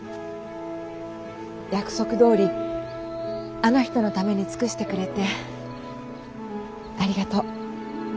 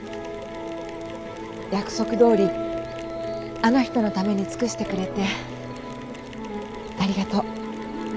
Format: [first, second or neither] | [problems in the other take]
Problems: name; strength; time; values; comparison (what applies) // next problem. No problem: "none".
first | background sound (Mechanisms); 15 dB below the speech